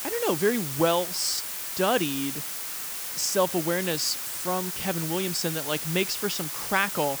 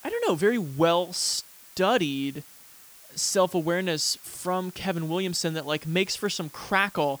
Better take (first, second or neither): second